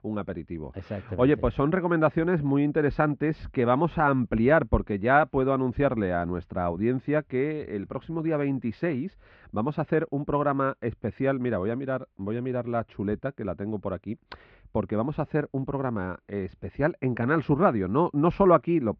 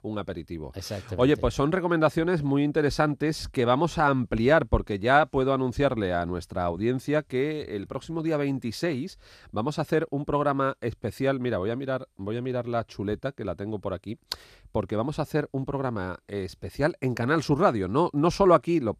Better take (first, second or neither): second